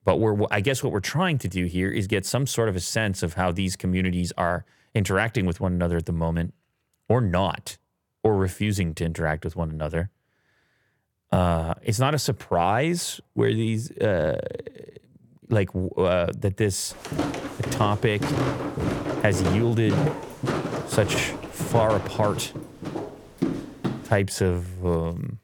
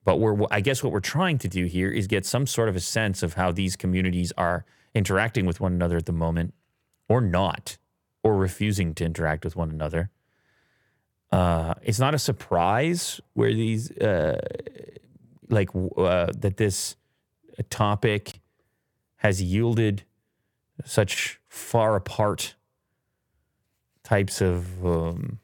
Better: second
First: footsteps; noticeable; from 17 to 24 s; peak level with the speech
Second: none

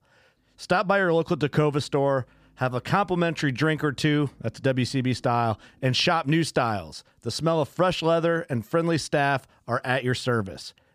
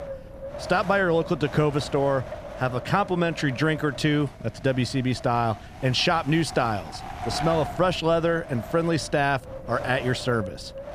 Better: first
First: none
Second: wind noise on the microphone; occasional gusts; 10 dB below the speech

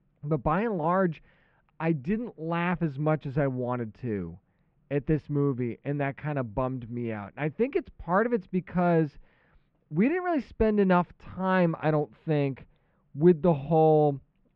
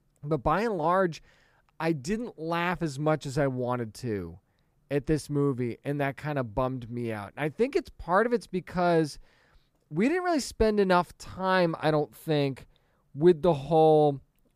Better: second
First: muffled; very; fading above 2.5 kHz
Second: none

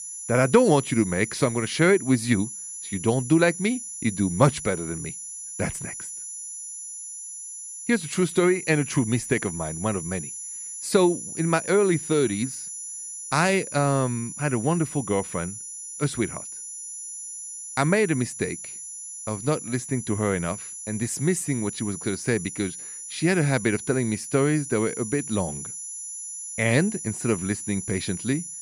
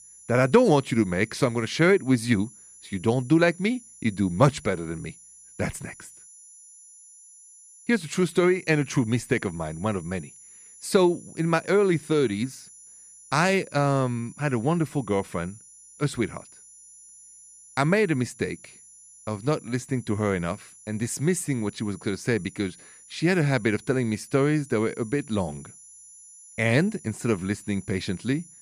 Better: second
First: high-pitched whine; loud; throughout; 10.5 kHz, 9 dB below the speech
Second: high-pitched whine; faint; throughout; 10.5 kHz, 20 dB below the speech

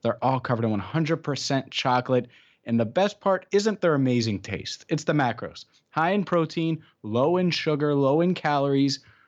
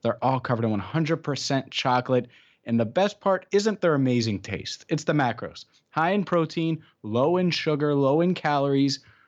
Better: neither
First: none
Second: none

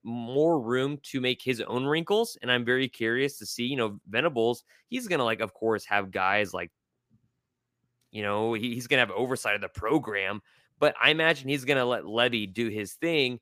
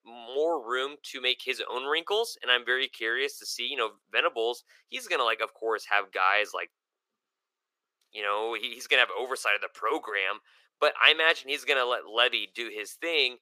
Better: first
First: none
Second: thin; very; fading below 450 Hz

